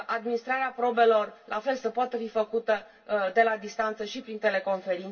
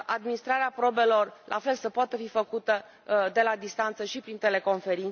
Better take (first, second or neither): second